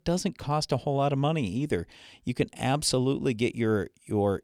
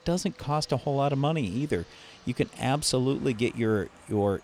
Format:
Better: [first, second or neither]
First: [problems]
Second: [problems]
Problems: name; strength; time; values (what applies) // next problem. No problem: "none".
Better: first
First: none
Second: train or aircraft noise; faint; throughout; 25 dB below the speech